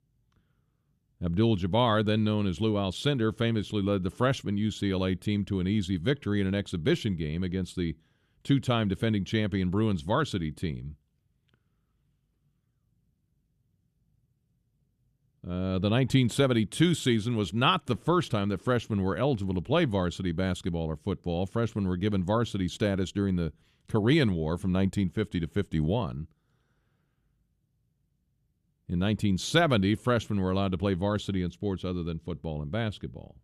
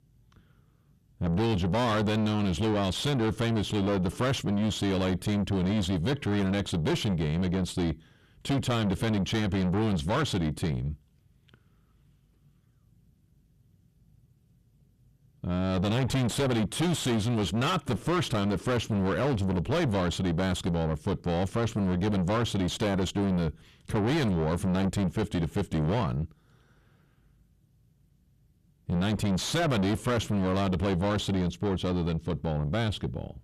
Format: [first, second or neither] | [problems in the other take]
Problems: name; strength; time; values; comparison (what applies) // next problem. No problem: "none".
first | distortion; heavy; 6 dB below the speech